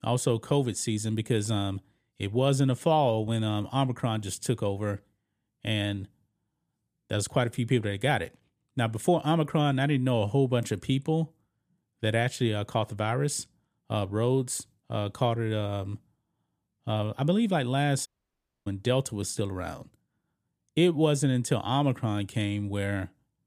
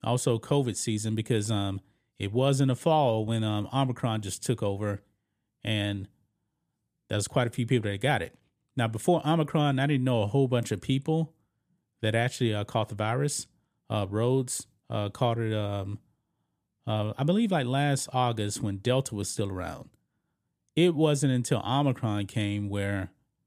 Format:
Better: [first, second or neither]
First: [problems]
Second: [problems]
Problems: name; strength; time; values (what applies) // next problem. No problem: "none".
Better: second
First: audio cutting out; at 18 s for 0.5 s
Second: none